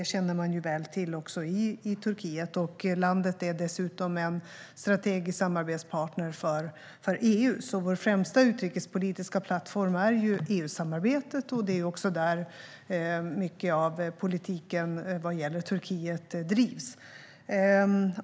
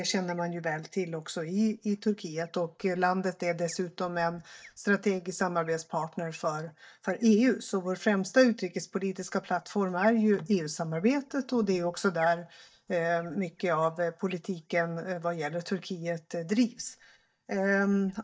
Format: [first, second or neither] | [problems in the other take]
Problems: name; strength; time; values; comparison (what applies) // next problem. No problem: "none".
first | noise reduction (neural mask model DeepFilterNet 3)